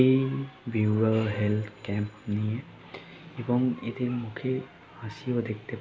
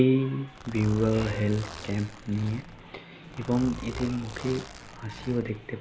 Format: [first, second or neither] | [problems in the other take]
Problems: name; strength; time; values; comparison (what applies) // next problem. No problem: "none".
first | background sound (Zipper (clothing)); 14 dB below the speech